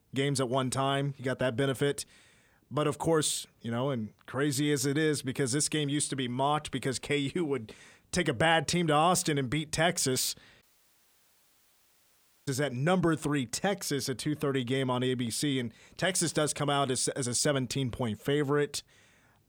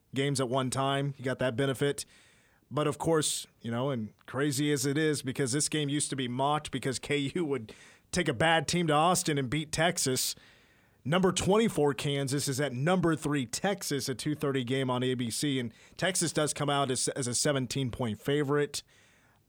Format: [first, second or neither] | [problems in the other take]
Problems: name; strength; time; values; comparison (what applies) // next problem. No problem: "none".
second | audio cutting out; at 11 s for 2 s